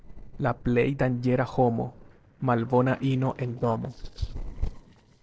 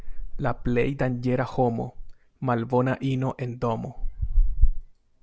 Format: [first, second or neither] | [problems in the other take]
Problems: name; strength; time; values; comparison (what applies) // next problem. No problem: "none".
second | noise reduction (neural separator model SepFormer DNS4)